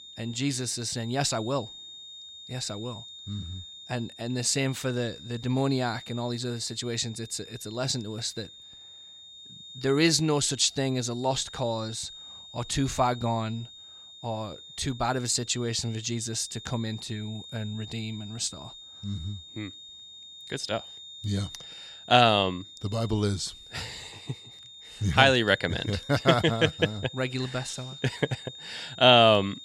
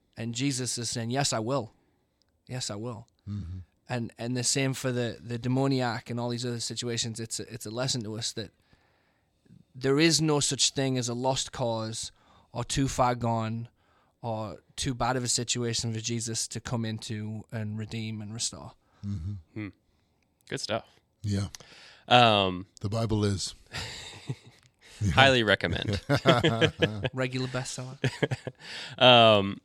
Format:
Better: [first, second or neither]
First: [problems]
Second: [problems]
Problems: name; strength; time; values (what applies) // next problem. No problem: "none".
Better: second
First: high-pitched whine; noticeable; throughout; 3.5 kHz, 15 dB below the speech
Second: none